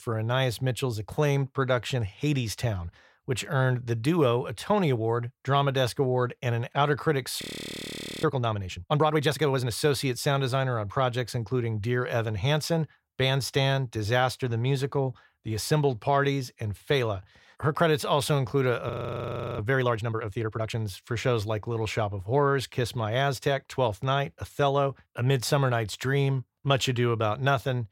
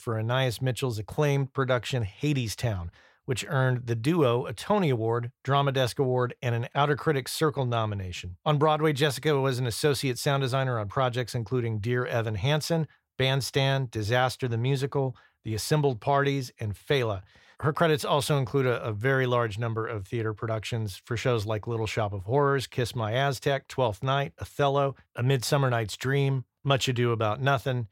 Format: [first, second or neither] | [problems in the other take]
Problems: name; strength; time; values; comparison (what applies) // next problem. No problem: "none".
second | audio freezing; at 7.5 s for 1 s and at 19 s for 0.5 s